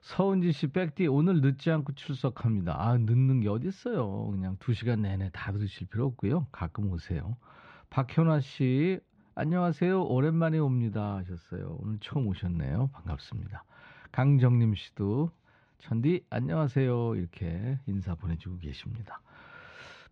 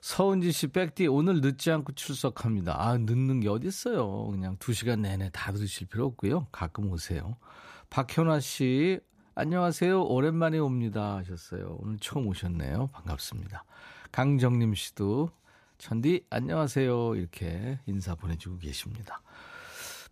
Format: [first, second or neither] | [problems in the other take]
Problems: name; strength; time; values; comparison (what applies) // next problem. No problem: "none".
second | muffled; slightly; fading above 3.5 kHz